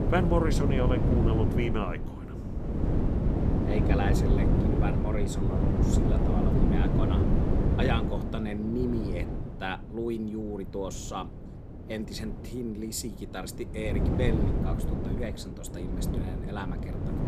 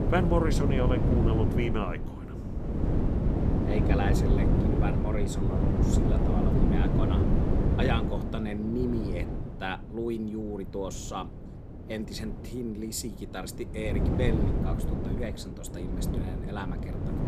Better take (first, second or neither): neither